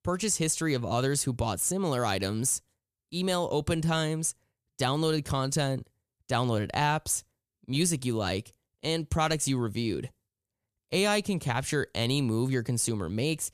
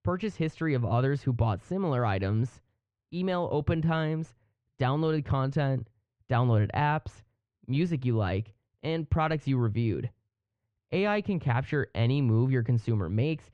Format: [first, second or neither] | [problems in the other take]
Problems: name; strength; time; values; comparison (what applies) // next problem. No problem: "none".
first | muffled; very; fading above 2.5 kHz